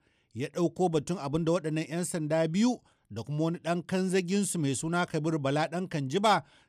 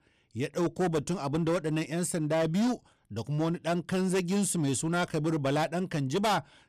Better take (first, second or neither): first